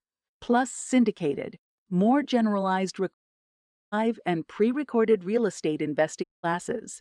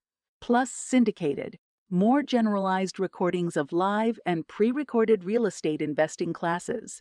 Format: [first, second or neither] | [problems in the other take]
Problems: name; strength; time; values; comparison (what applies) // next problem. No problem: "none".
second | audio cutting out; at 3 s for 1 s and at 6 s